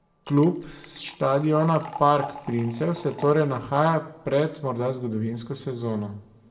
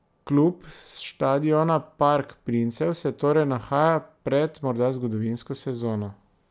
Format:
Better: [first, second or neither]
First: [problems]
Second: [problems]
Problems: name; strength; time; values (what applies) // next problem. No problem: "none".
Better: second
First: background sound (Liquid); 17 dB below the speech // room echo; dies away in 0.8 s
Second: none